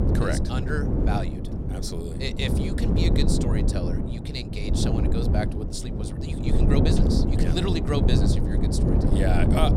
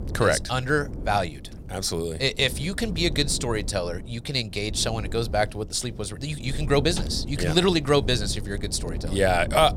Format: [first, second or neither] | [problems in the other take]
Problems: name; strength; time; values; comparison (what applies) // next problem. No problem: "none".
second | wind noise on the microphone; heavy; as loud as the speech; occasional gusts in the second